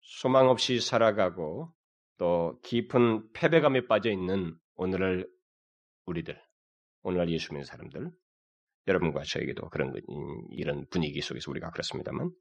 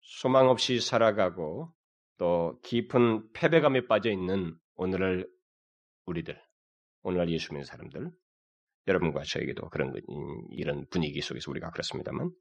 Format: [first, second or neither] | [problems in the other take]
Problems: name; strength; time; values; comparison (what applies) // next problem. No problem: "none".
neither | none